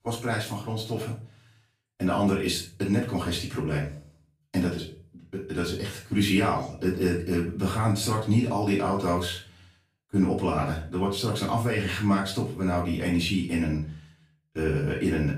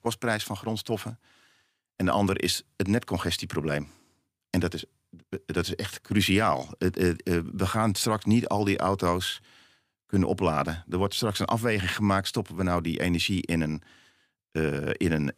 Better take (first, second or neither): second